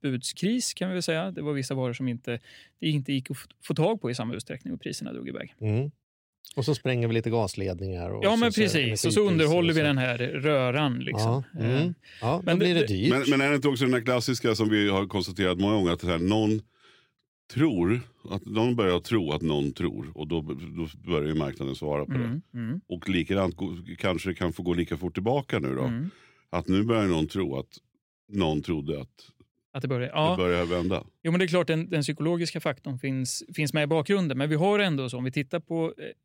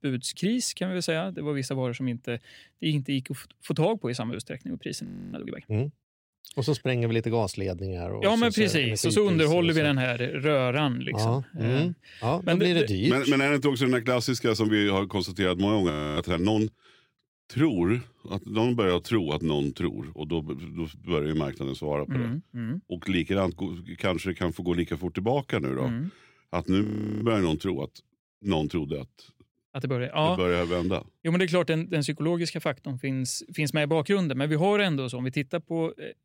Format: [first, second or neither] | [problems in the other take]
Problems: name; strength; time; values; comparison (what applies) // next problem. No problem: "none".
first | audio freezing; at 5 s, at 16 s and at 27 s